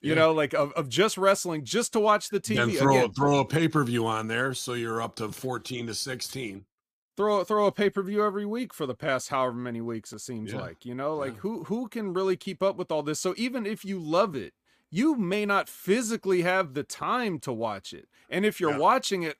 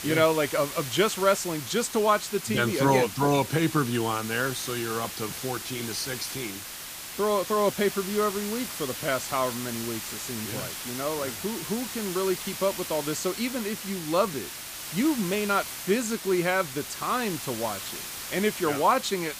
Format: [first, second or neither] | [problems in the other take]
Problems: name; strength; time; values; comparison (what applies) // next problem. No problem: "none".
first | hiss; loud; throughout; 7 dB below the speech